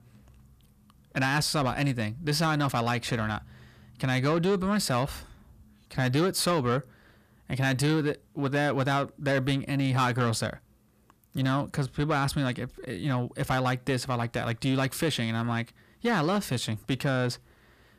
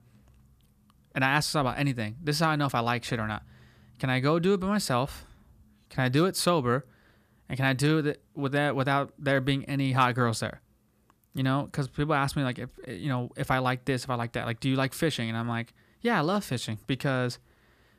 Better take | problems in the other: second | distortion; slight; 10 dB below the speech

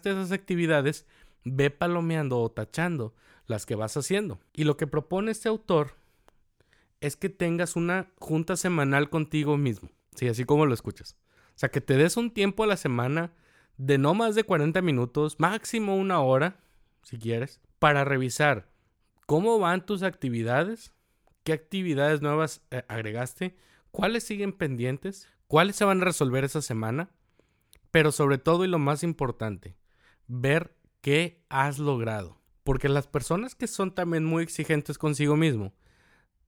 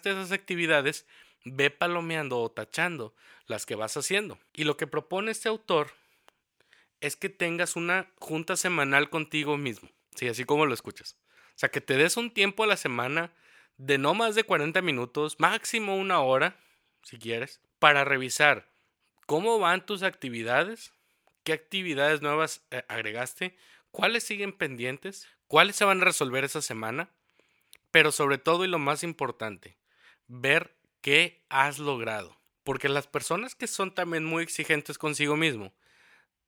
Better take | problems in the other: first | thin; somewhat; fading below 600 Hz

